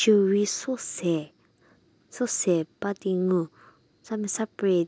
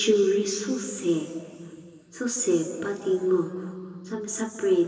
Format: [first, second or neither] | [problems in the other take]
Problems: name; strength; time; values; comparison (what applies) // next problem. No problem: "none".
first | room echo; dies away in 2.7 s